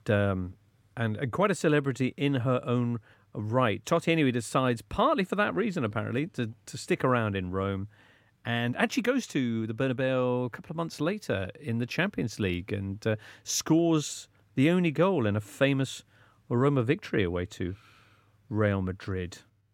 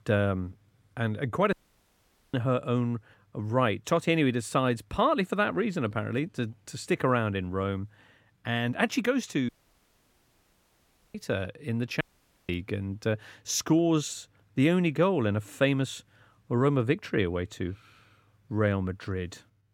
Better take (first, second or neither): first